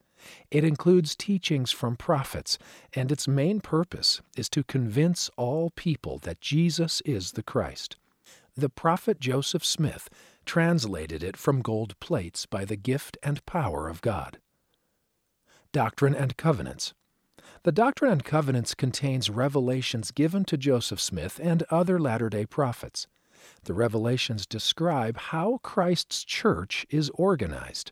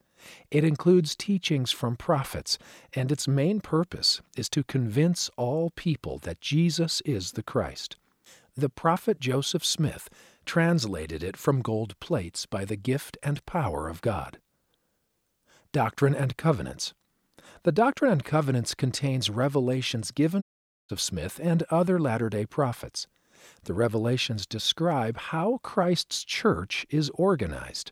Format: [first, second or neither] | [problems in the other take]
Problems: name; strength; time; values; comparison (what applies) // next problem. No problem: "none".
first | audio cutting out; at 20 s